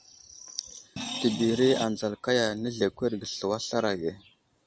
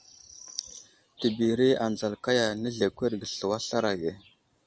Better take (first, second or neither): second